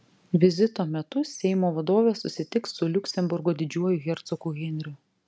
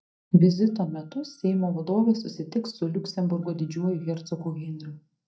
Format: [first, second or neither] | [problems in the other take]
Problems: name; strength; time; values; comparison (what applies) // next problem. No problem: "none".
first | noise reduction (neural mask model DeepFilterNet 3)